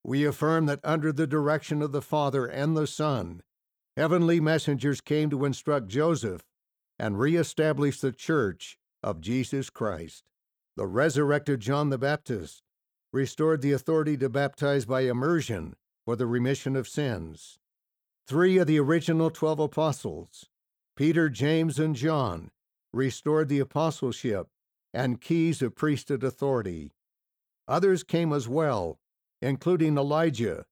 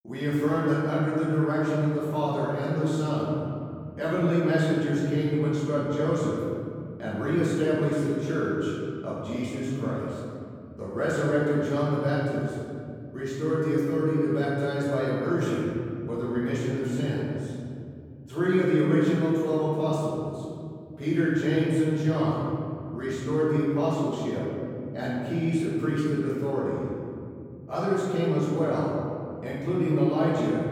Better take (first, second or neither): first